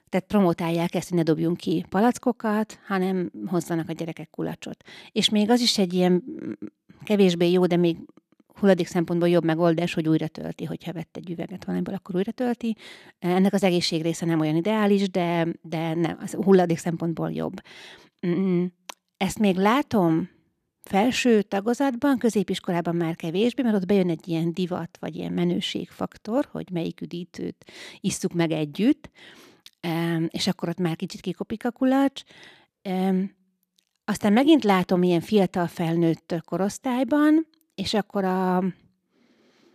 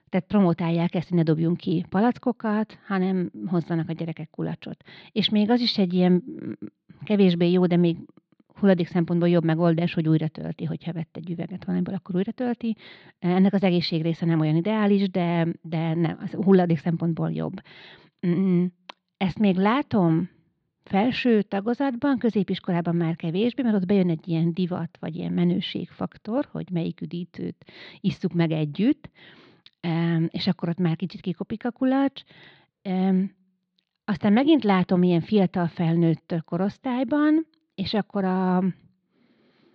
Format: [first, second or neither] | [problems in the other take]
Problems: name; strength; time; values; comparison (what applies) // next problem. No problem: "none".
first | muffled; very slightly; fading above 4.5 kHz